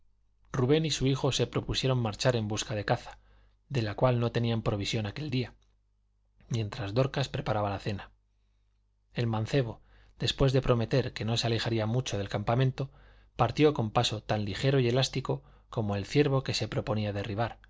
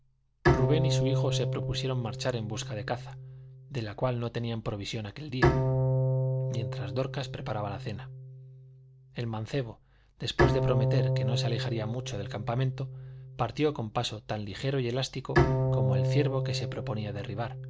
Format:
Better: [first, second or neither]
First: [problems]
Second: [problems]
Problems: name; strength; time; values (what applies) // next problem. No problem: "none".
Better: first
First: none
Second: background sound (Bowed string instrument); 3 dB above the speech